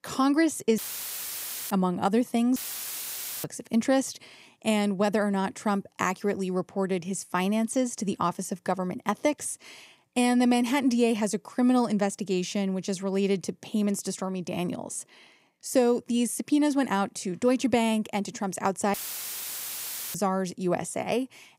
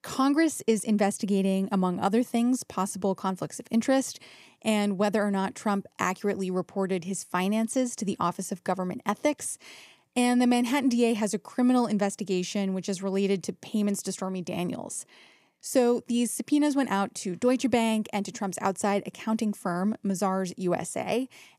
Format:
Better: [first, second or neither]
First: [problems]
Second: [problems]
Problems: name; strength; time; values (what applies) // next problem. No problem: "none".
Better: second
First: audio cutting out; filled with static; at 1 s for 1 s, at 2.5 s for 1 s and at 19 s for 1 s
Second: none